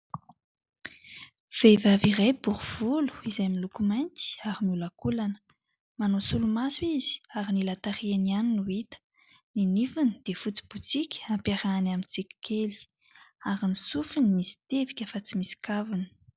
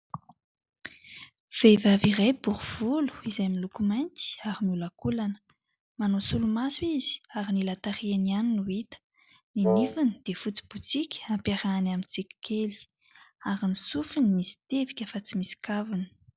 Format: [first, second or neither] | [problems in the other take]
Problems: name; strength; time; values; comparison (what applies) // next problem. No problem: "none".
first | background sound (Wind instrument, woodwind instrument); 1 dB below the speech